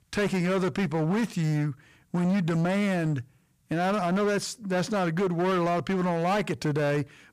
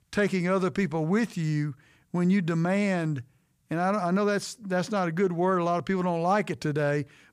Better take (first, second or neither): second